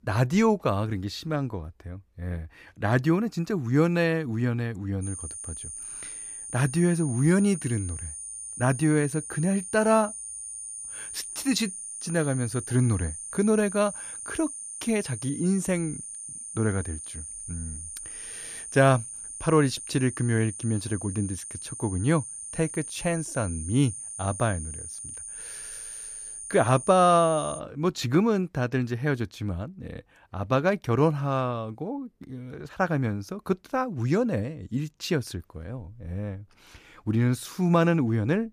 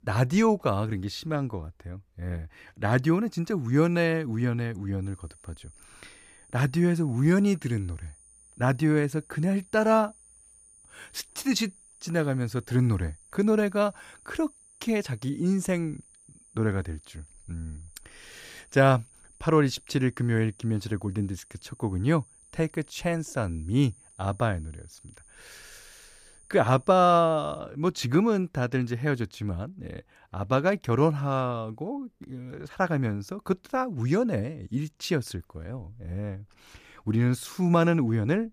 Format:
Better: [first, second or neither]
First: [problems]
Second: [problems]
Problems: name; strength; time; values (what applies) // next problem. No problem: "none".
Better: second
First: high-pitched whine; loud; from 5 to 28 s; 9 kHz, 9 dB below the speech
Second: high-pitched whine; faint; from 5 to 28 s; 9 kHz, 25 dB below the speech